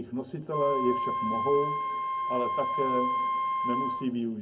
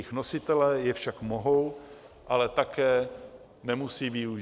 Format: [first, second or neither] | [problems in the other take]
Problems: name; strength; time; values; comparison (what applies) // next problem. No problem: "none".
second | background sound (Wind instrument, woodwind instrument); 1 dB above the speech // room echo; dies away in 0.3 s